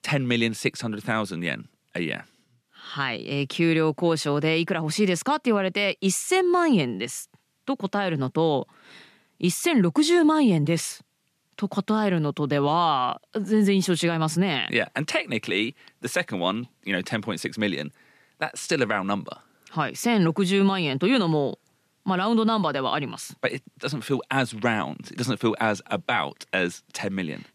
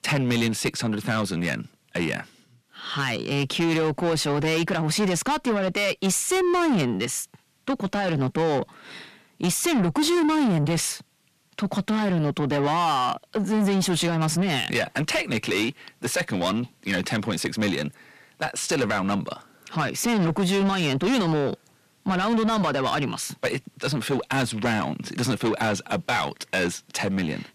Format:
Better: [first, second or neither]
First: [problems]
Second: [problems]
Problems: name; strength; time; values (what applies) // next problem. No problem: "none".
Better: first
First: none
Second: distortion; heavy; 8 dB below the speech